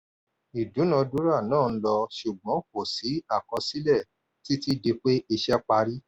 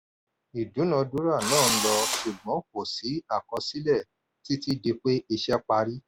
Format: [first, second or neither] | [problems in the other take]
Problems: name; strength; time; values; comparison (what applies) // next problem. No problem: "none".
first | background sound (Engine / Drill); 1 dB above the speech